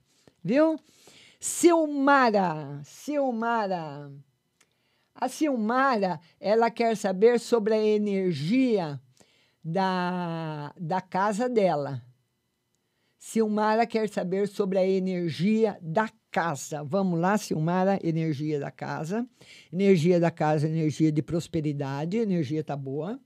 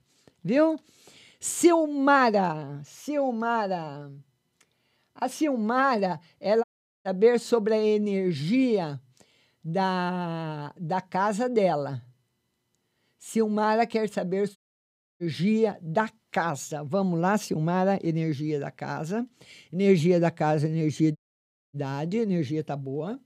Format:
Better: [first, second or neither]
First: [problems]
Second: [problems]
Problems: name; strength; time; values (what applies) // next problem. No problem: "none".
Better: first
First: none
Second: audio cutting out; at 6.5 s, at 15 s for 0.5 s and at 21 s for 0.5 s